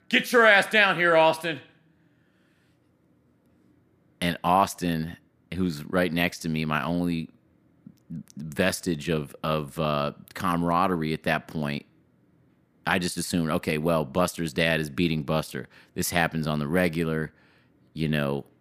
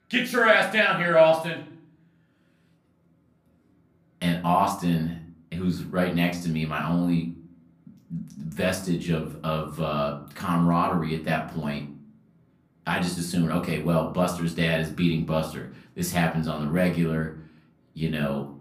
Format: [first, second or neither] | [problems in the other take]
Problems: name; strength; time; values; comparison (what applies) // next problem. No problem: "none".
first | off-mic speech; far // room echo; slight; dies away in 0.4 s